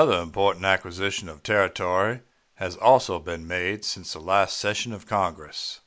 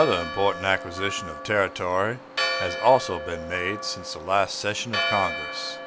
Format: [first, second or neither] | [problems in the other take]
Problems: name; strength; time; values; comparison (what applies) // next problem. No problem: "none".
first | background sound (Church bell); 6 dB below the speech